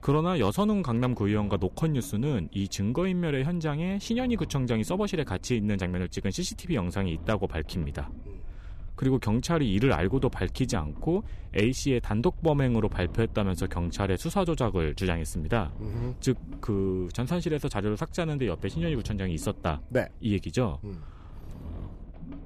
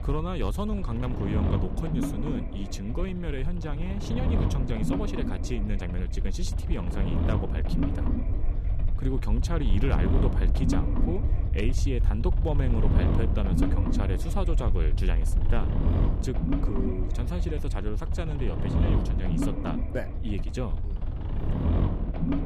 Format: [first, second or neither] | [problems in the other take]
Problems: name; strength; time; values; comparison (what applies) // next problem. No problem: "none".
first | low rumble; loud; throughout; 1 dB below the speech; faint in the first